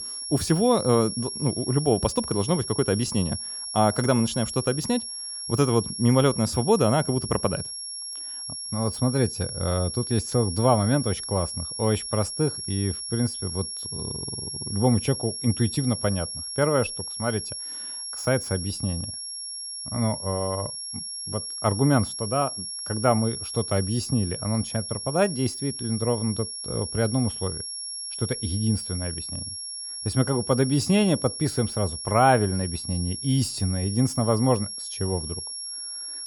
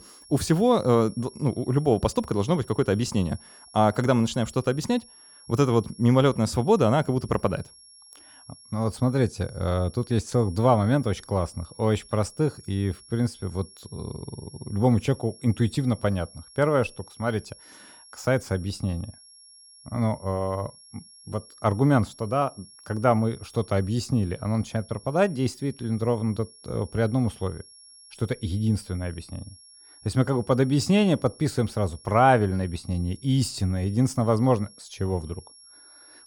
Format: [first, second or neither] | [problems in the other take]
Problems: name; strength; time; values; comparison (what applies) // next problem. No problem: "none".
second | high-pitched whine; loud; throughout; 5.5 kHz, 6 dB below the speech; faint in the second